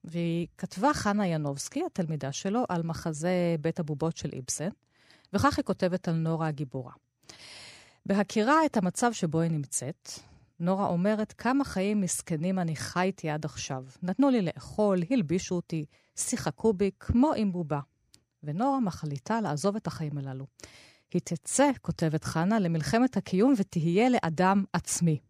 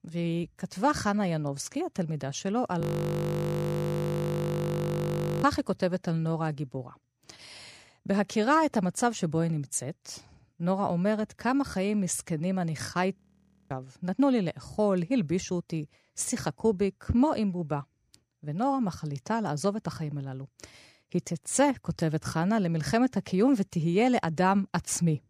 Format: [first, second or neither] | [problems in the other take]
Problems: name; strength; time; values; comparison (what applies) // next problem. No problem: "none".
first | audio freezing; at 3 s for 2.5 s and at 13 s for 0.5 s